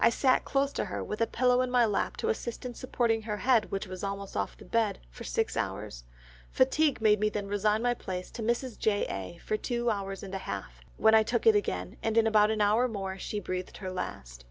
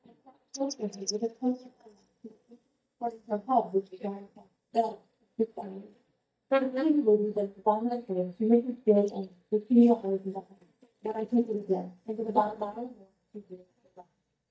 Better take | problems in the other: first | noise reduction (neural mask model DeepFilterNet 3)

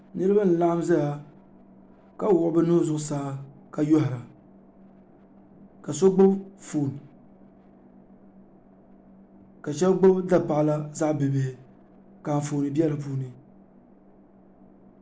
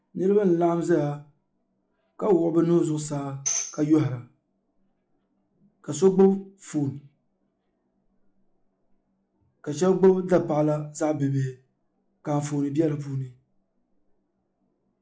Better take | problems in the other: first | noise reduction (classical method log-MMSE)

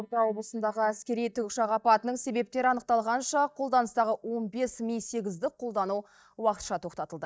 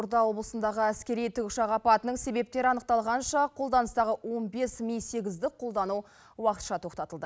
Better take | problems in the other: second | noise reduction (neural mask model DeepFilterNet 3)

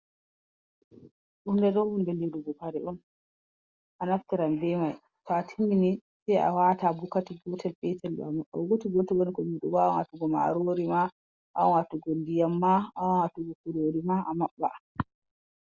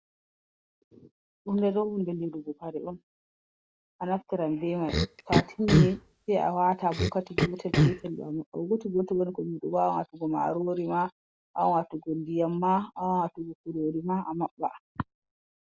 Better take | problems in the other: first | background sound (Cough); 3 dB above the speech

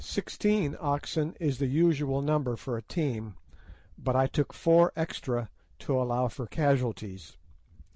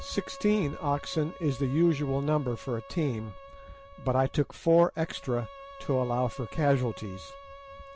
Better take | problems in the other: first | background sound (Bowed string instrument); 18 dB below the speech

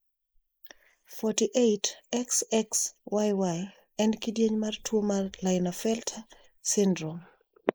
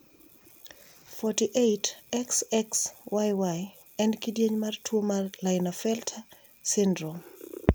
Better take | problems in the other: second | noise reduction (neural mask model Resemble Enhance denoiser)

